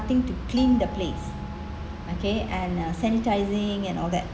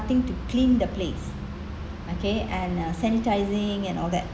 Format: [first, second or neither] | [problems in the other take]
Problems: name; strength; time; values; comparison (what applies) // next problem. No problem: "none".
second | background sound (Doorbell); 17 dB below the speech